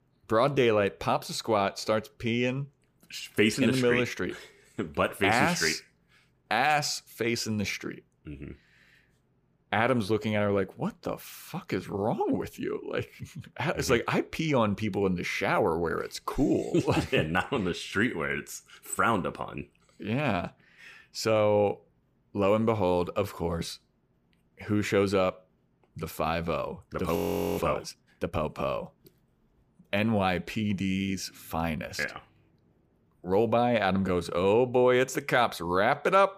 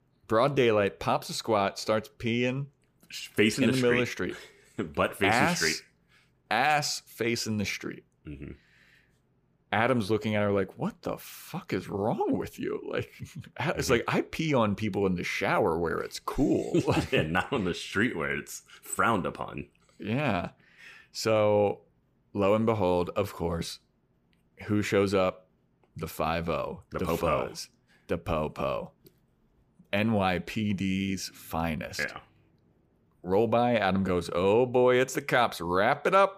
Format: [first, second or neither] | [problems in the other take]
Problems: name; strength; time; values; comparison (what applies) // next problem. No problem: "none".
second | audio freezing; at 27 s